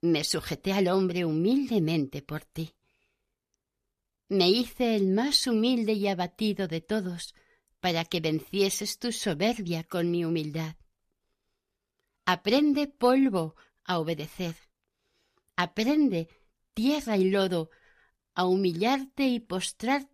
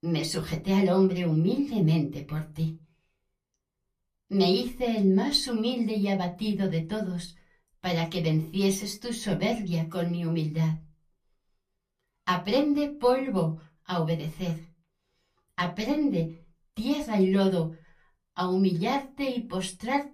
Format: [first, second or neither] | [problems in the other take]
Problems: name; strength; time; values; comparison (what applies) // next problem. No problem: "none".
first | off-mic speech; far // room echo; very slight; dies away in 0.2 s